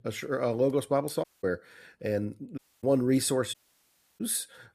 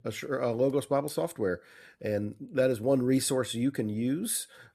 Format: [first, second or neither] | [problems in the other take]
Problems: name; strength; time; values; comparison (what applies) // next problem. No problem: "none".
second | audio cutting out; at 1 s, at 2.5 s and at 3.5 s for 0.5 s